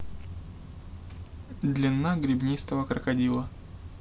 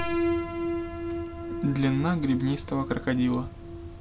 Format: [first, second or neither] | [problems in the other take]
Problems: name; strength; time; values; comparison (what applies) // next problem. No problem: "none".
first | background sound (Piano); 4 dB below the speech